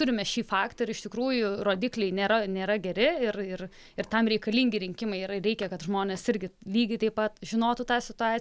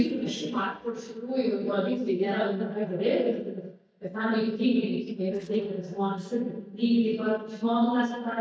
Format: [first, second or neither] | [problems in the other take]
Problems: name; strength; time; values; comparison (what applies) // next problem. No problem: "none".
first | noise reduction (neural mask model DeepFilterNet 3)